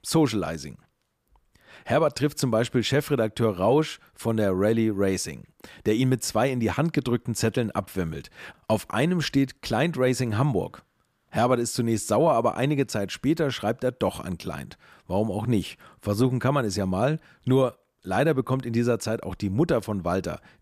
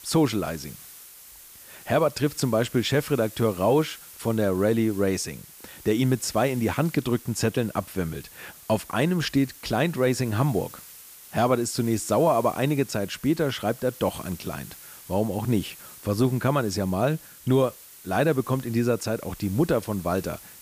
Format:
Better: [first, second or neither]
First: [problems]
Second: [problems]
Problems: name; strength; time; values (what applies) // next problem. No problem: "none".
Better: first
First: none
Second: hiss; noticeable; throughout; 20 dB below the speech